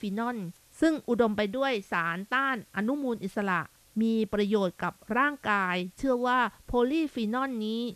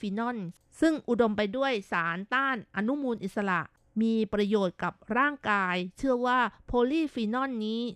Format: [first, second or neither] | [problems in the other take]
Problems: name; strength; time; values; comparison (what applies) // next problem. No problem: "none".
second | hiss; faint; throughout; 30 dB below the speech